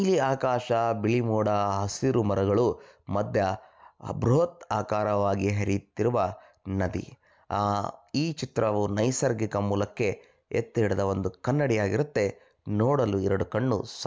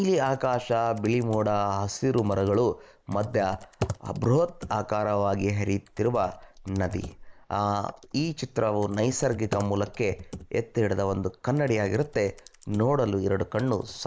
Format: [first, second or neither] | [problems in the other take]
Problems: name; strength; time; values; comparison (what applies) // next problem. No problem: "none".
first | noise reduction (neural mask model Resemble Enhance denoiser)